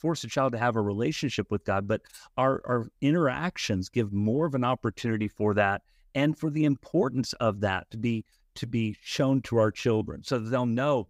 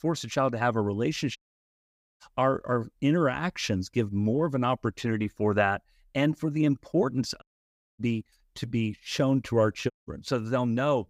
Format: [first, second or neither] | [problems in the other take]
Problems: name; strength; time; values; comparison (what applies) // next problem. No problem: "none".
first | audio cutting out; at 1.5 s for 1 s, at 7.5 s for 0.5 s and at 10 s